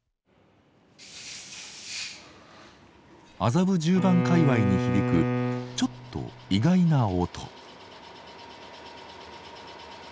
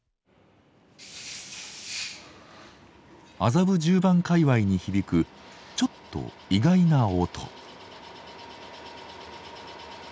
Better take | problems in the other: second | background sound (Bowed string instrument); 1 dB below the speech

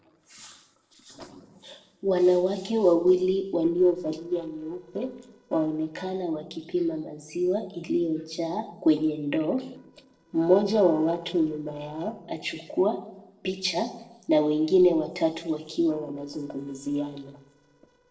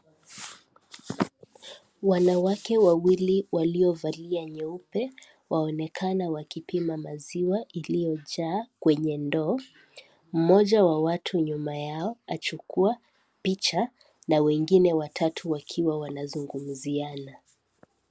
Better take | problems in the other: second | noise reduction (neural separator model SepFormer DNS4)

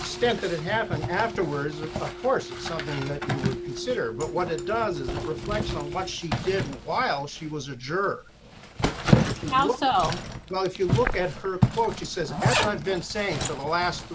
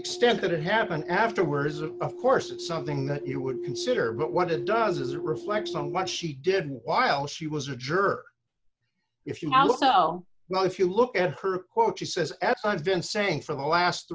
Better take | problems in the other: second | background sound (Zipper (clothing)); 2 dB below the speech

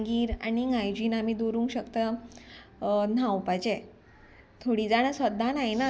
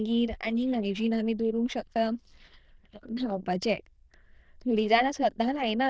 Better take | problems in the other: first | noise reduction (neural diffusion model UNIVERSE++)

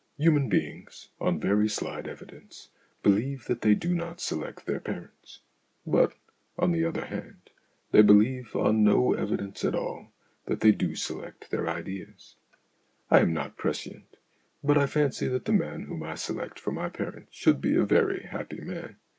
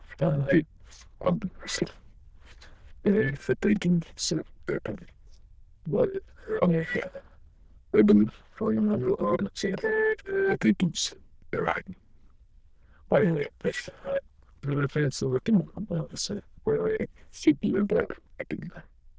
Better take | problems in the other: first | noise reduction (neural diffusion model UNIVERSE++)

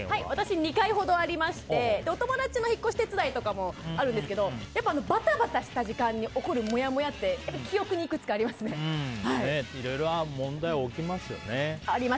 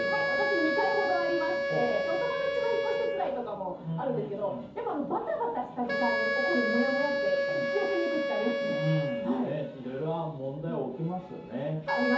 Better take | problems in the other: first | background sound (Wind instrument, woodwind instrument); as loud as the speech // room echo; dies away in 0.6 s

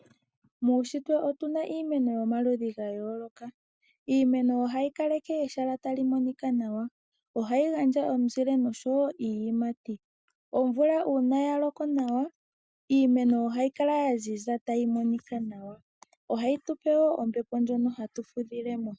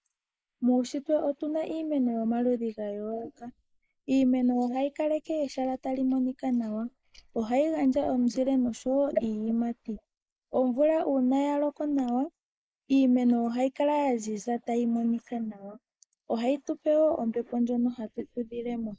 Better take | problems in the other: first | noise reduction (neural mask model Resemble Enhance denoiser)

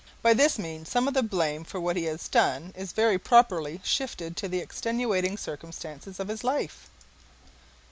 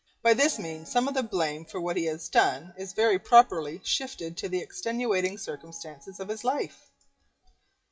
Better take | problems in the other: first | noise reduction (classical method WPE with log-MMSE)

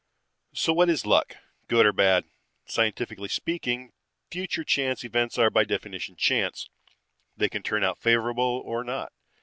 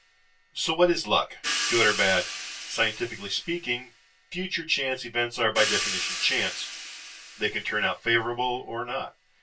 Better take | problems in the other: first | background sound (Crash cymbal / Hi-hat); 8 dB below the speech // room echo; dies away in 0.2 s

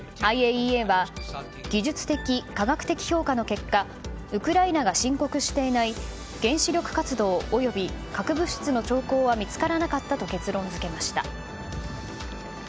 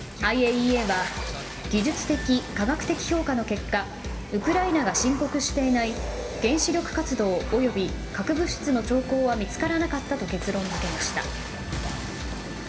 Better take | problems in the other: first | background sound (Water / Splash, splatter); 12 dB below the speech // room echo; dies away in 2 s

